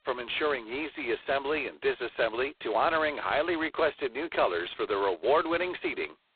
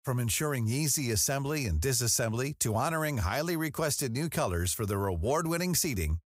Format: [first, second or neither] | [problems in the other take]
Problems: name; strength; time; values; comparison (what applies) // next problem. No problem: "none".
second | phone-call audio; poor line; nothing above 4 kHz